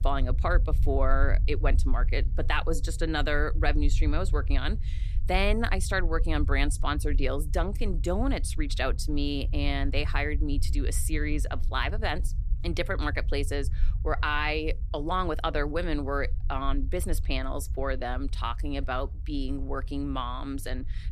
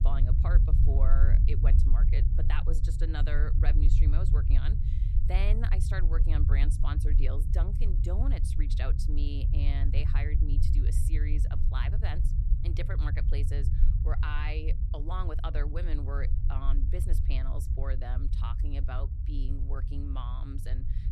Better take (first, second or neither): first